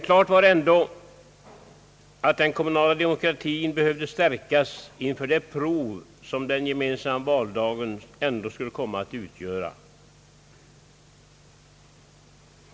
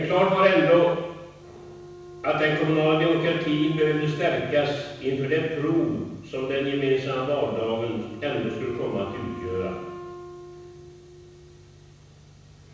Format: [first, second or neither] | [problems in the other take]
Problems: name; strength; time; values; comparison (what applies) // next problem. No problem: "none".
first | background sound (Wind instrument, woodwind instrument); 17 dB below the speech // room echo; dies away in 1.1 s